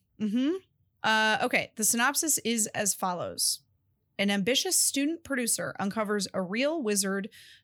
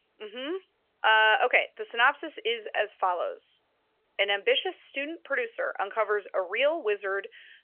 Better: first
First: none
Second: phone-call audio; nothing above 3 kHz

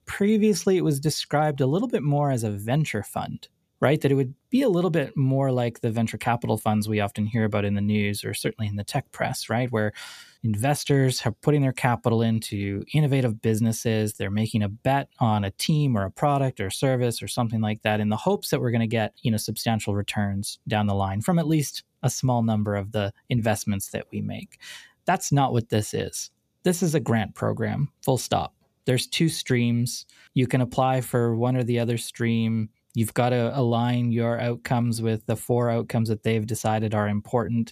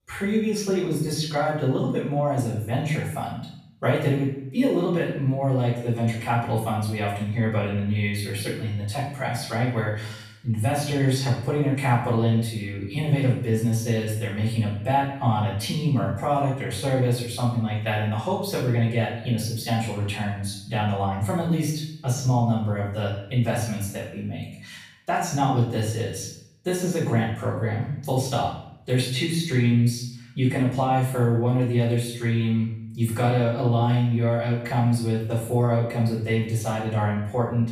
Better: first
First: none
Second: off-mic speech; far // room echo; noticeable; dies away in 0.6 s

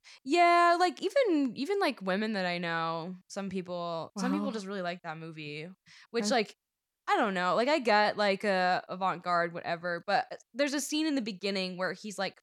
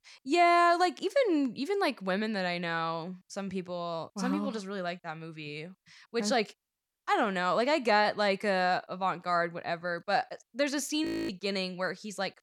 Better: first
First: none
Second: audio freezing; at 11 s

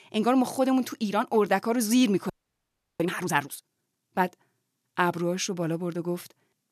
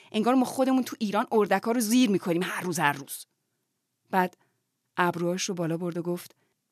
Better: second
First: audio freezing; at 2.5 s for 0.5 s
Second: none

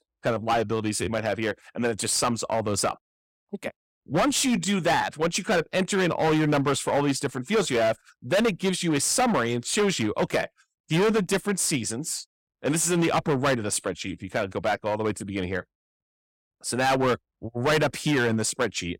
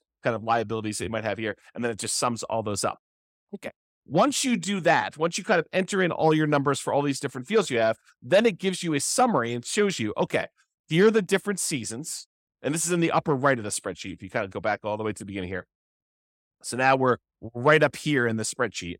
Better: second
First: distortion; heavy; 11% of the sound clipped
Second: none

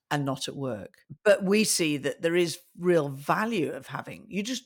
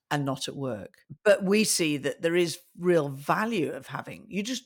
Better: neither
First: none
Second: none

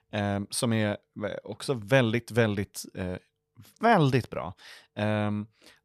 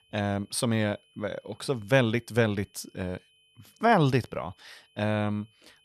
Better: first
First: none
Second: high-pitched whine; faint; throughout; 3 kHz, 35 dB below the speech

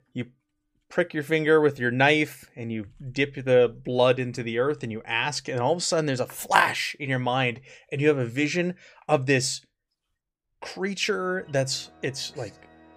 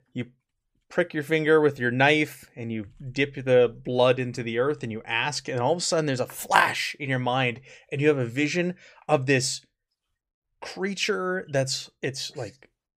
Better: second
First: background music; faint; throughout; 30 dB below the speech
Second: none

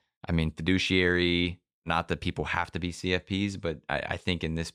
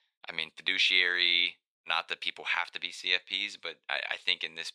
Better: first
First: none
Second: thin; very; fading below 700 Hz

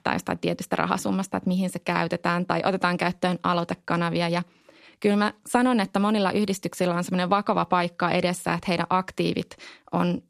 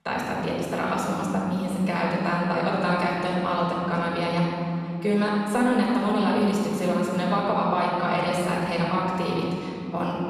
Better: first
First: none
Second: off-mic speech; far // room echo; strong; dies away in 2.8 s

